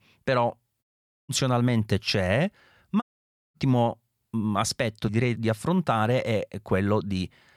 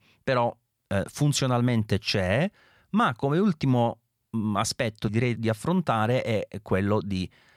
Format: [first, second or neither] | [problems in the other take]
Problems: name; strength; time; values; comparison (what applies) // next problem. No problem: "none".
second | audio cutting out; at 1 s and at 3 s for 0.5 s